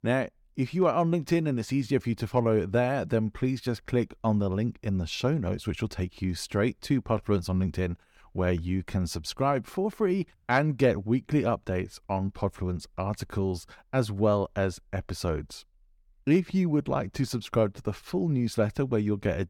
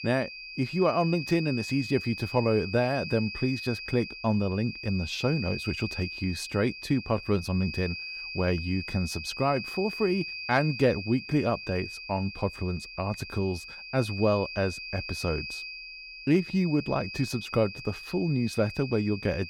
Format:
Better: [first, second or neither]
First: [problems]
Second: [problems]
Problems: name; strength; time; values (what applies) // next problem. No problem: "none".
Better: first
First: none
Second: high-pitched whine; loud; throughout; 2.5 kHz, 8 dB below the speech